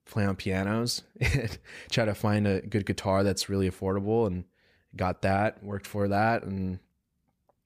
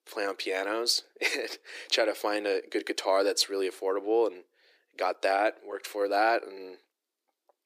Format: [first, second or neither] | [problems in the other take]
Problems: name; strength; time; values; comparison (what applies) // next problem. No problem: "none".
first | thin; very; fading below 300 Hz